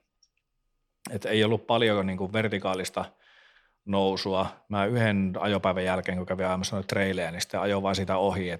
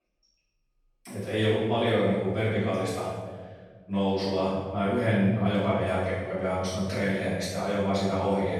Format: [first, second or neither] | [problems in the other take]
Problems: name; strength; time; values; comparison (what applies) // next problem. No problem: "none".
first | off-mic speech; far // room echo; strong; dies away in 1.7 s